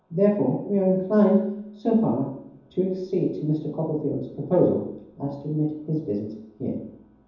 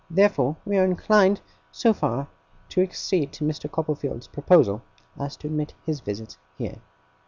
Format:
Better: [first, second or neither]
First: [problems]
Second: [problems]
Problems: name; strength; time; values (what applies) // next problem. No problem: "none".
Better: second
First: room echo; dies away in 0.9 s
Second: none